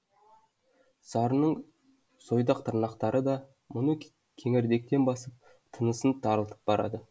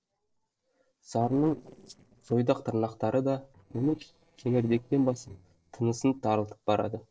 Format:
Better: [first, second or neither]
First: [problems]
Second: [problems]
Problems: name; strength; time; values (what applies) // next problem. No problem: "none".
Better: first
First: none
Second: noise reduction (neural separator model SepFormer DNS4)